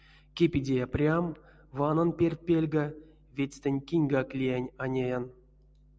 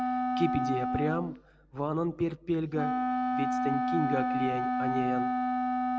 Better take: first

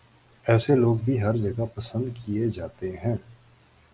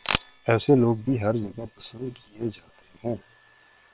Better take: first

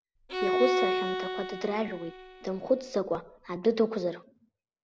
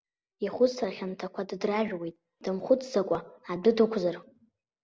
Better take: second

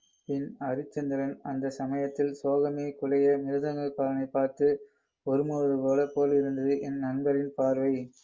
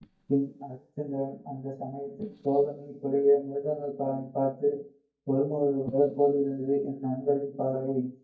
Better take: first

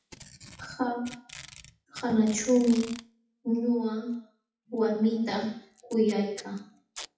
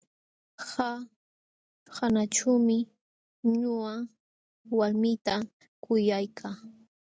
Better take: second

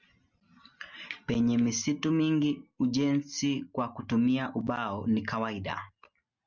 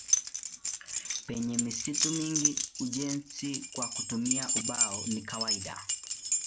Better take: first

